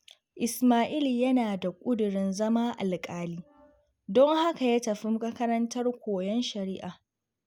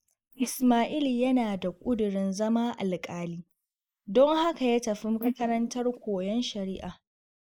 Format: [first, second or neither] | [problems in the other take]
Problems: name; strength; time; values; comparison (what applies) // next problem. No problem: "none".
first | noise reduction (neural mask model Resemble Enhance denoiser)